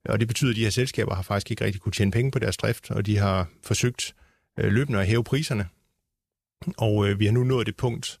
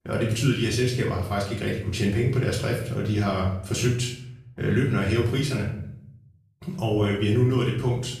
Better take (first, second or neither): first